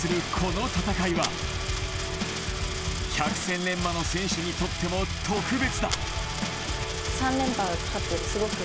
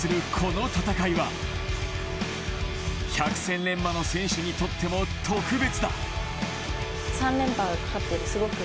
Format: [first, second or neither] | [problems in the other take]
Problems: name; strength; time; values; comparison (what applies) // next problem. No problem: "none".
second | background sound (Coin (dropping)); 9 dB below the speech